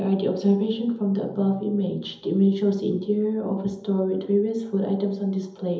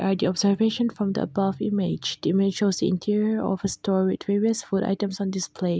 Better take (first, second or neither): second